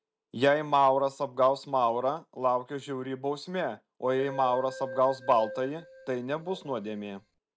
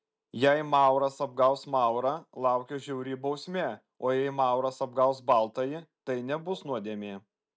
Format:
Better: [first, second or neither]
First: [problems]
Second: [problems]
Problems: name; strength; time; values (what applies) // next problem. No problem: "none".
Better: second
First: background sound (Keyboard (musical)); 14 dB below the speech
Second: none